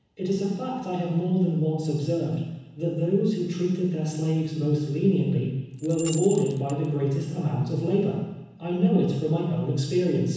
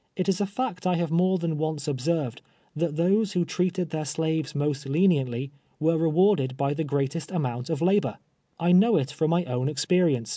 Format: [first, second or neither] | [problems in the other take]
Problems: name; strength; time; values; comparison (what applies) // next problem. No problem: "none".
second | background sound (Rattle / Keys jangling); 16 dB below the speech // room echo; dies away in 1.1 s